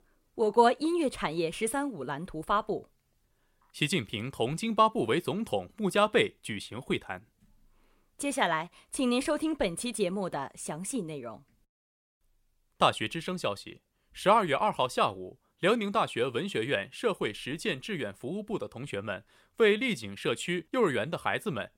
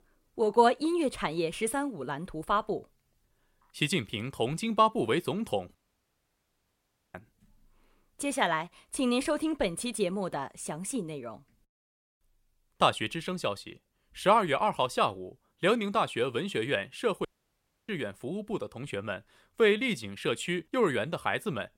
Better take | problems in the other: first | audio cutting out; at 6 s for 1.5 s and at 17 s for 0.5 s

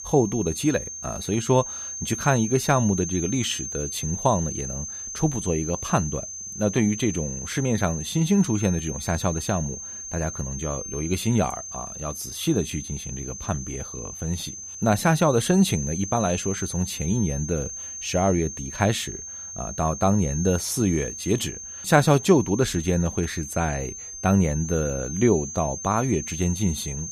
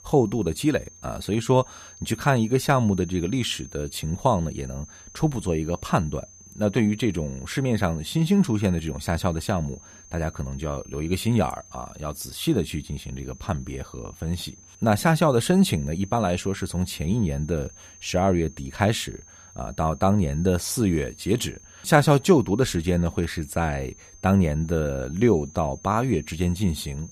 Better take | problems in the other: second | high-pitched whine; loud; throughout; 6.5 kHz, 8 dB below the speech; faint in the second

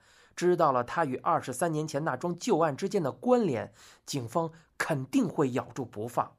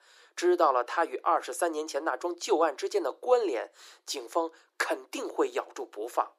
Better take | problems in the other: first | thin; very; fading below 350 Hz

